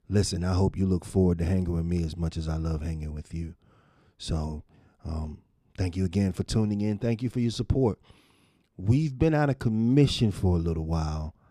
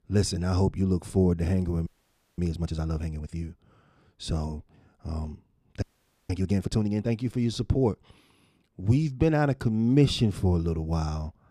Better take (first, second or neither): first